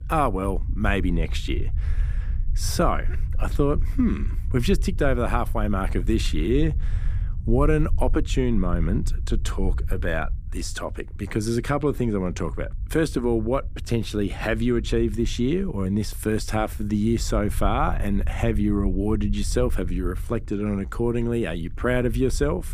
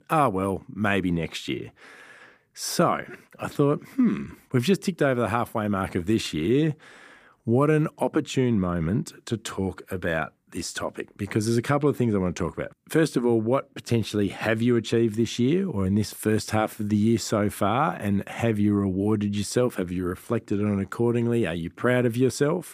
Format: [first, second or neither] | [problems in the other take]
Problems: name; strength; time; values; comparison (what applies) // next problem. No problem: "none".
second | low rumble; faint; throughout; 20 dB below the speech